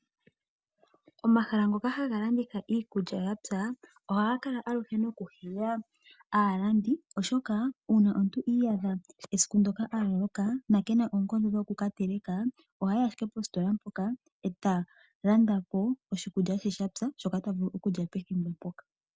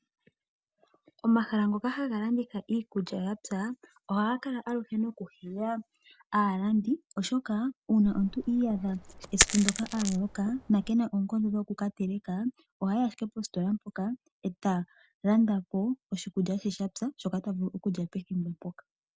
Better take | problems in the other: first | background sound (Coin (dropping)); 4 dB below the speech

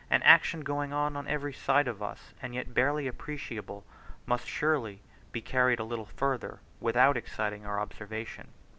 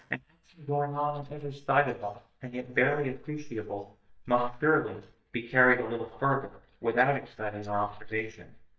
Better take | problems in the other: first | noise reduction (neural mask model DeepFilterNet 3)

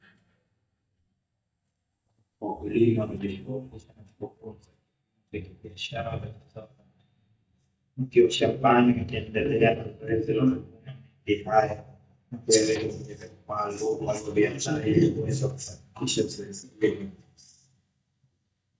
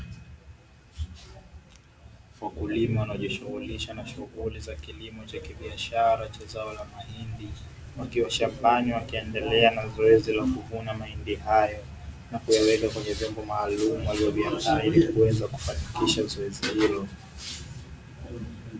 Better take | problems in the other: second | noise reduction (neural mask model DeepFilterNet 3)

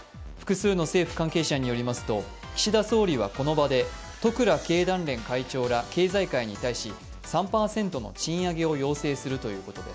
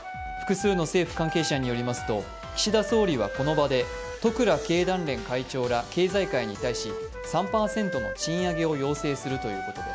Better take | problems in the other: first | background sound (Wind instrument, woodwind instrument); 9 dB below the speech

